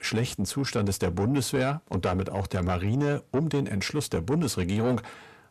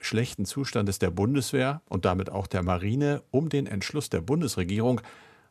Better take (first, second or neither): second